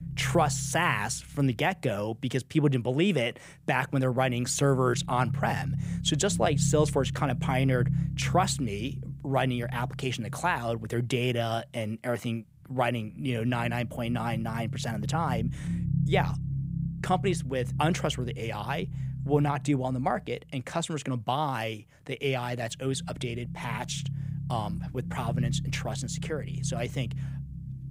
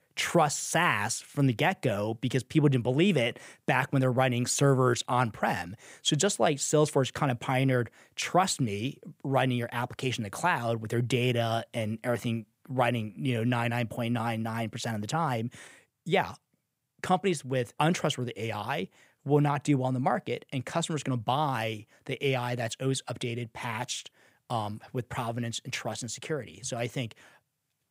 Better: second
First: low rumble; noticeable; throughout; 15 dB below the speech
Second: none

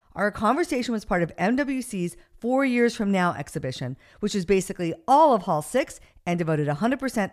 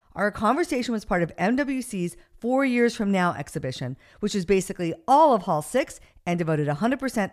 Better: neither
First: none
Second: none

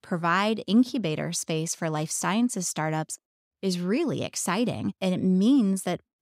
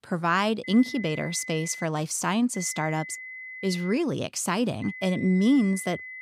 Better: first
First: none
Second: high-pitched whine; noticeable; from 0.5 to 2 s, from 2.5 to 4 s and from 5 s on; 2 kHz, 15 dB below the speech

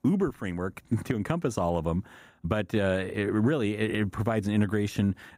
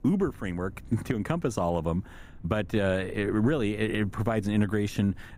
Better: first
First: none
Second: rain or running water; faint; throughout; 20 dB below the speech

